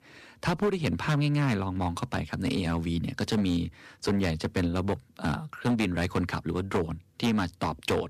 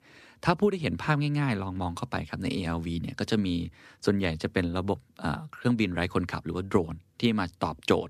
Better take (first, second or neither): second